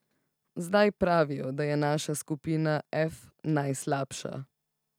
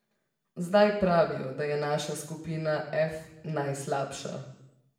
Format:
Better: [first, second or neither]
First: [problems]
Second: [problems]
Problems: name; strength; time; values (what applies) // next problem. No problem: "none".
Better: first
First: none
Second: room echo; dies away in 0.8 s